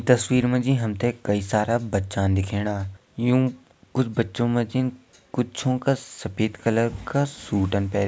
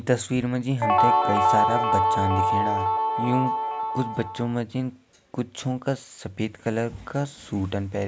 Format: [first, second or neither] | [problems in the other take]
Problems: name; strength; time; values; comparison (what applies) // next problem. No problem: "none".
first | background sound (Guitar); 5 dB above the speech